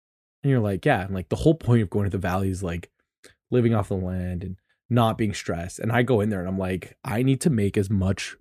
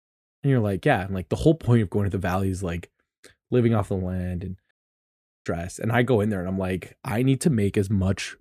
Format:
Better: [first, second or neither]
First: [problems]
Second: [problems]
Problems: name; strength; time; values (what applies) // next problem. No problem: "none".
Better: first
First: none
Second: audio cutting out; at 4.5 s for 1 s